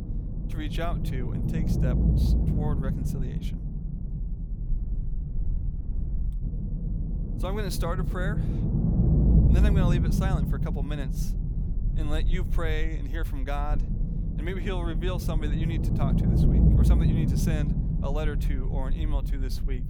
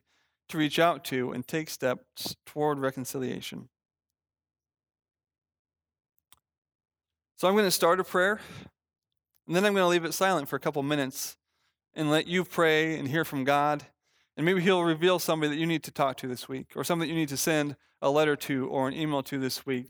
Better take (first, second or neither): second